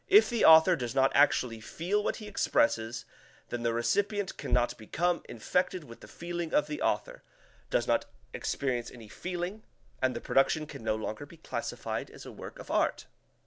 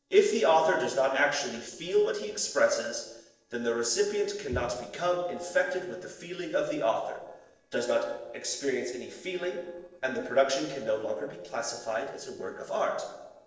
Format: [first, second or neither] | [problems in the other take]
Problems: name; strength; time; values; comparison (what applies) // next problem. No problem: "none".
first | noise reduction (neural separator model SepFormer DNS4)